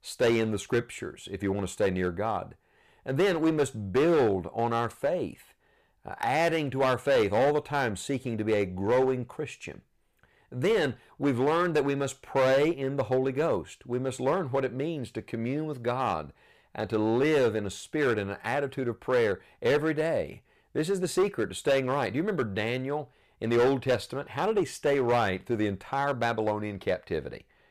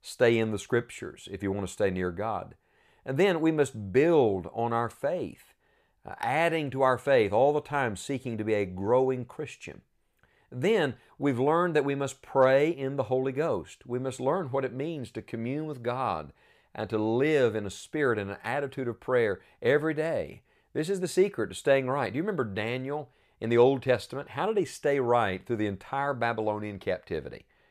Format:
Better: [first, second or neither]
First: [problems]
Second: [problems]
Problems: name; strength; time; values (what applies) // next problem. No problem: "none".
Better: second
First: distortion; slight; 7% of the sound clipped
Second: none